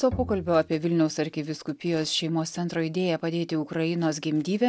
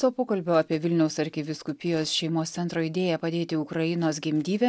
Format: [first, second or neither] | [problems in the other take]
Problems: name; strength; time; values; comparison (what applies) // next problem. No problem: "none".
second | background sound (Bowed string instrument); 13 dB below the speech